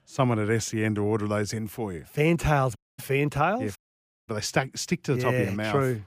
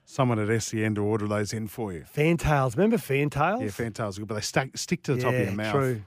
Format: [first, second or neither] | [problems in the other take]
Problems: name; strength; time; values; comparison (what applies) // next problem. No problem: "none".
second | audio cutting out; at 3 s and at 4 s for 0.5 s